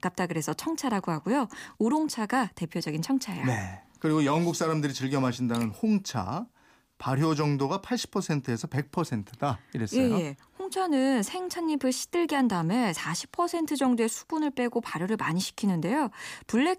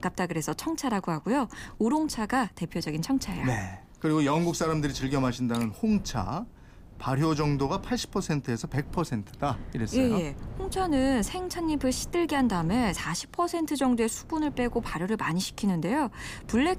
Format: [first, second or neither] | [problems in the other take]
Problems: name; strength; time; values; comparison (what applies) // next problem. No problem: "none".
first | wind noise on the microphone; occasional gusts; 20 dB below the speech